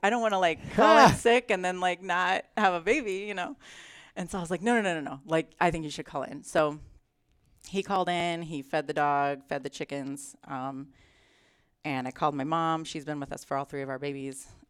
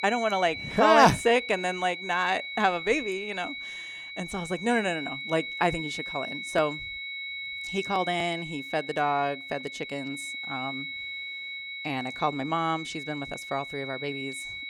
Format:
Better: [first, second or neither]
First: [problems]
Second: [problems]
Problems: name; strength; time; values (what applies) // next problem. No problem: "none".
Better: first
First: none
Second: high-pitched whine; loud; throughout; 2 kHz, 7 dB below the speech